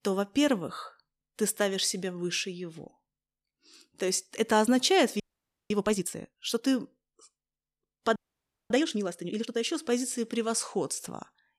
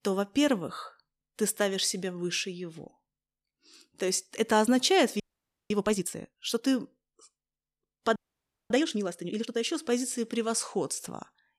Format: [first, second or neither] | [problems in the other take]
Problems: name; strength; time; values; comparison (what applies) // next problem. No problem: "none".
neither | audio freezing; at 5 s for 0.5 s and at 8 s for 0.5 s; the same in both